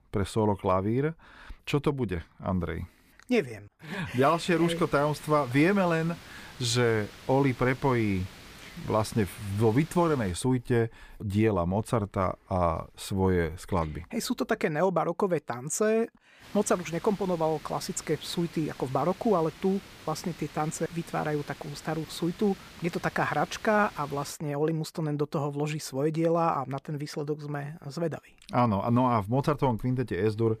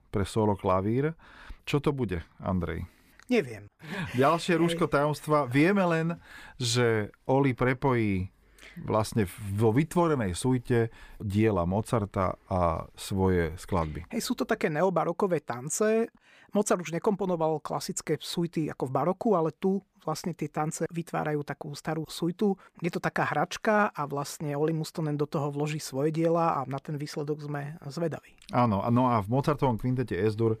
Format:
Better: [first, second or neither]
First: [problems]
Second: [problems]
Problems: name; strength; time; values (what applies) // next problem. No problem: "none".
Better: second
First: hiss; noticeable; from 4.5 to 10 s and from 16 to 24 s; 20 dB below the speech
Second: none